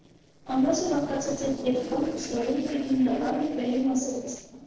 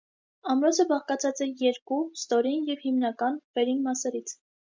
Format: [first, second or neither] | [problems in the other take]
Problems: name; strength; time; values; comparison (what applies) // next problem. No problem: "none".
second | noise reduction (neural separator model SepFormer DNS4)